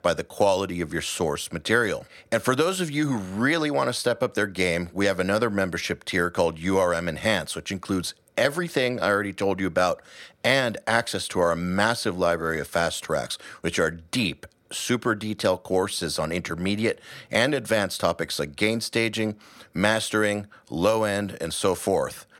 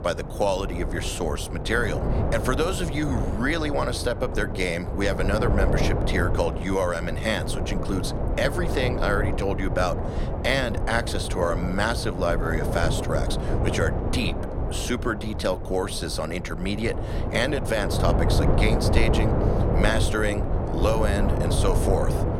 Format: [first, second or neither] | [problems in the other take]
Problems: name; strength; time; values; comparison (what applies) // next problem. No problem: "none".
first | wind noise on the microphone; heavy; 5 dB below the speech